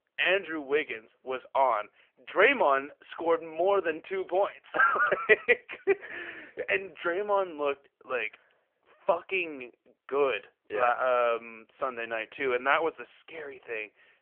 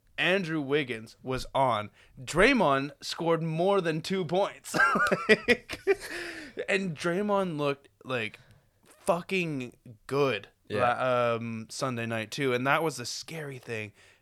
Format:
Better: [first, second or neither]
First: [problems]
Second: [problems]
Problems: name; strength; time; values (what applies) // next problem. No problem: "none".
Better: second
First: phone-call audio; poor line; nothing above 3 kHz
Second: none